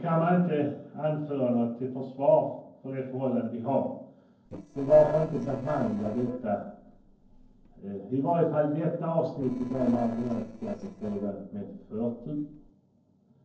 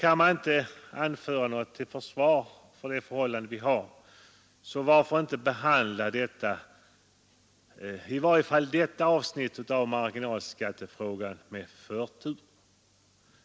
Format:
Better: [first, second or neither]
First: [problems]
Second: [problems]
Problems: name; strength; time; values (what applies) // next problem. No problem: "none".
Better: second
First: noise reduction (neural separator model SepFormer DNS4)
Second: none